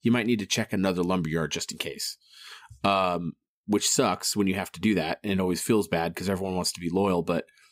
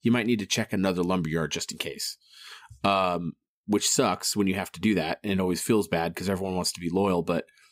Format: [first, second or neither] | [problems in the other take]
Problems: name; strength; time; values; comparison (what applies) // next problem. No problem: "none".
neither | none